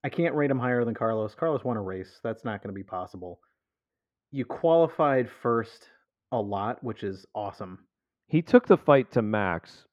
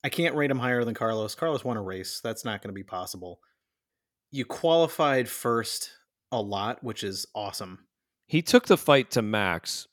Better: second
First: muffled; very; fading above 3.5 kHz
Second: none

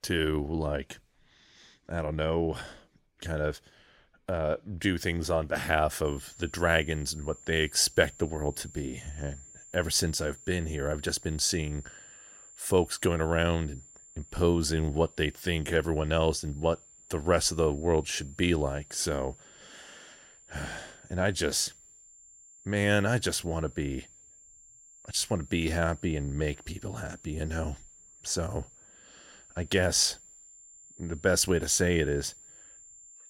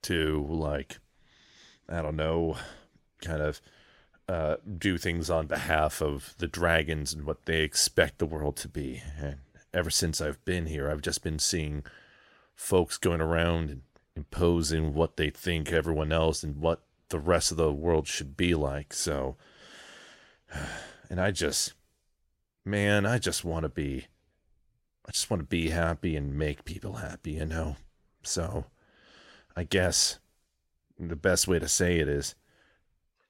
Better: second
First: high-pitched whine; faint; from 6 s on; 7.5 kHz, 20 dB below the speech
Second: none

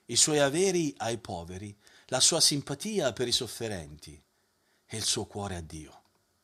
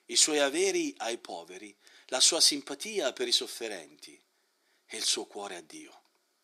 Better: first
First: none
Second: thin; very slightly; fading below 300 Hz

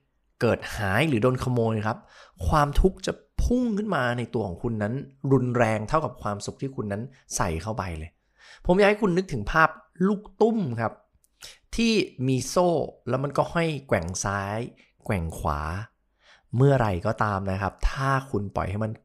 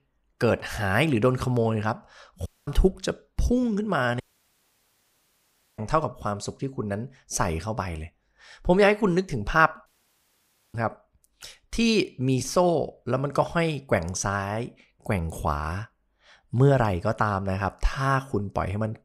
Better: first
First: none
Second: audio cutting out; at 2.5 s, at 4 s for 1.5 s and at 10 s for 1 s

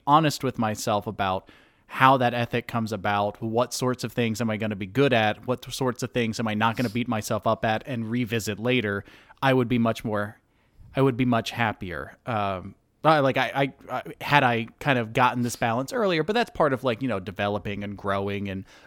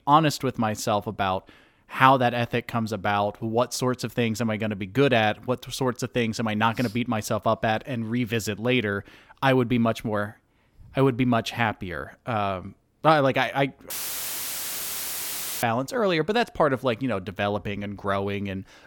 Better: first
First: none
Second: audio cutting out; filled with static; at 14 s for 1.5 s

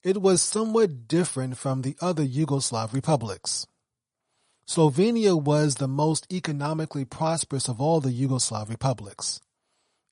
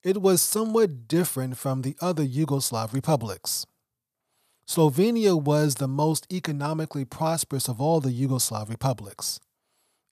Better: second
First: garbled, watery; slightly; nothing above 10.5 kHz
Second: none

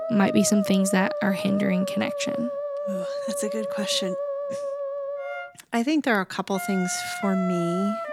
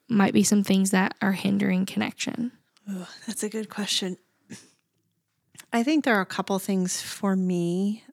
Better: second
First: background music; loud; throughout; 5 dB below the speech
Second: none

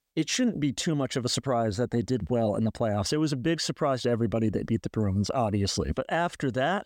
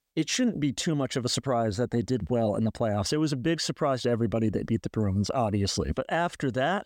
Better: neither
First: none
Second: none

